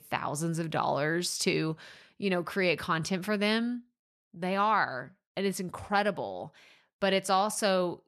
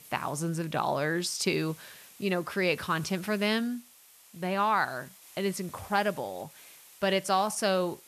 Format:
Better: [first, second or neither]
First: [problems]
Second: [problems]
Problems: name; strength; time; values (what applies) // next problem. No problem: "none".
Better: first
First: none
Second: hiss; faint; throughout; 20 dB below the speech